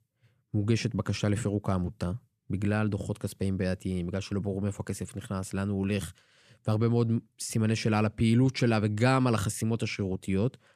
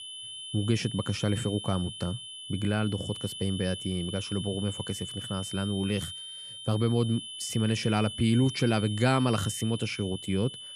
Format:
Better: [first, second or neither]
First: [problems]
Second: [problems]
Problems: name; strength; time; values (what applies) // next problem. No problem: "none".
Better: first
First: none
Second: high-pitched whine; loud; throughout; 3 kHz, 8 dB below the speech